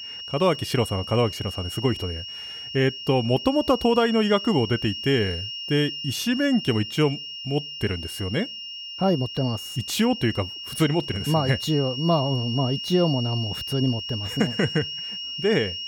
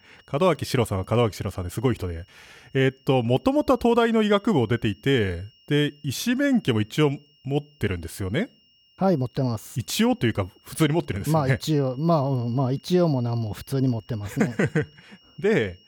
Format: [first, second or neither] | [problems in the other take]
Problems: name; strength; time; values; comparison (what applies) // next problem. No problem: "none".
second | high-pitched whine; loud; throughout; 3 kHz, 7 dB below the speech; faint in the second